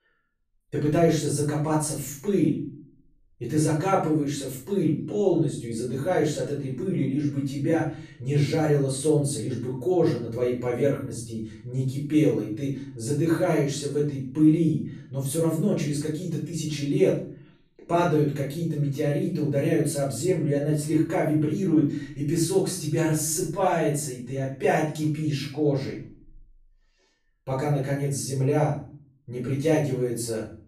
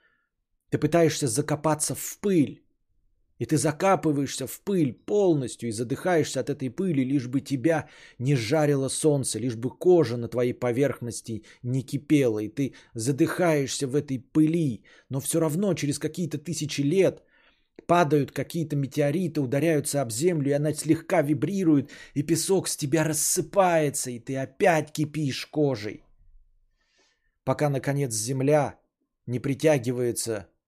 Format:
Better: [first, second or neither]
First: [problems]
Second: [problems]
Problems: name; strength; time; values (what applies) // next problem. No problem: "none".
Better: second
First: off-mic speech; far // room echo; noticeable; dies away in 0.5 s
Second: none